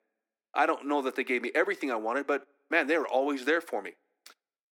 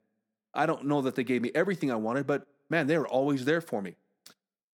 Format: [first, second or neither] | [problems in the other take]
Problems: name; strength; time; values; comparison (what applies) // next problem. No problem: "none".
second | thin; very slightly; fading below 300 Hz